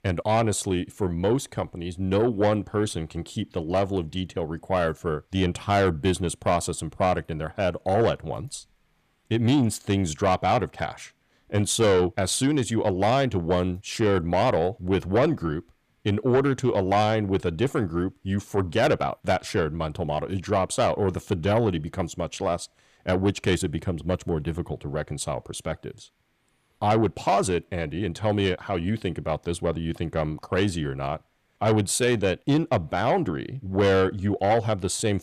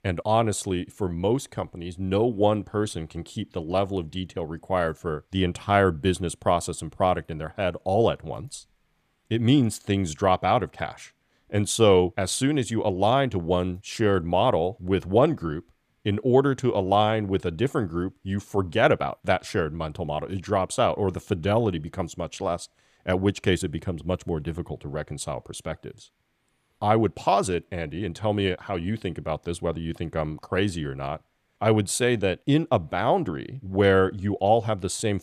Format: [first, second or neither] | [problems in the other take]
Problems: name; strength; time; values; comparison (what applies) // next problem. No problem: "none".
second | distortion; slight; 10 dB below the speech